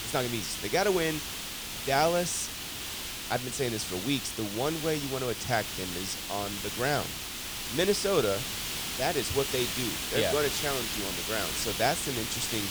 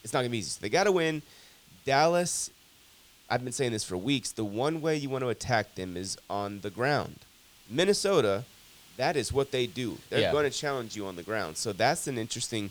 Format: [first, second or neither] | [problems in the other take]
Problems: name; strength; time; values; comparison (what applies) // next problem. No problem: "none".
second | hiss; loud; throughout; 2 dB below the speech; faint in the second